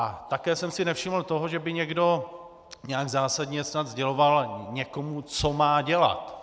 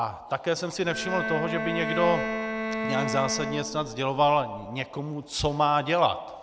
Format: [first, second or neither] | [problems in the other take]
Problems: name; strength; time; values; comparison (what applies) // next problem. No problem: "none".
first | background sound (Bowed string instrument); 4 dB below the speech